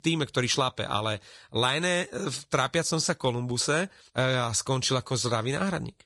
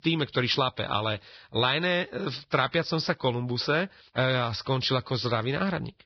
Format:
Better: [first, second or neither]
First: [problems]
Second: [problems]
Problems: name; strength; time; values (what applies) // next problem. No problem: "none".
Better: first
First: garbled, watery; slightly; nothing above 10.5 kHz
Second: garbled, watery; badly; nothing above 5.5 kHz